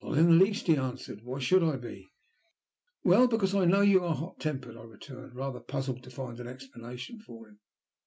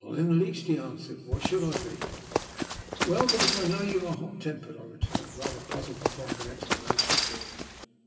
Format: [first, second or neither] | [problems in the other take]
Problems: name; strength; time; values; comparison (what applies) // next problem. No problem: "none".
first | background sound (Run); 1 dB above the speech // room echo; dies away in 2.9 s